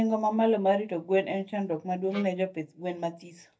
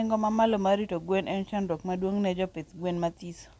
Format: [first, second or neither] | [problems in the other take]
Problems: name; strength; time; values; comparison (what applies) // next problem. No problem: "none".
second | noise reduction (neural mask model DeepFilterNet 3)